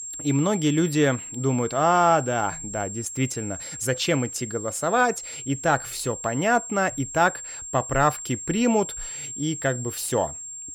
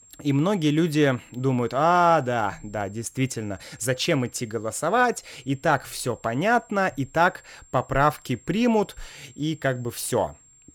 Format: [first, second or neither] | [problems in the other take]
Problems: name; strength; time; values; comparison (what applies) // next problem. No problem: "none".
second | high-pitched whine; loud; throughout; 7.5 kHz, 9 dB below the speech; faint in the second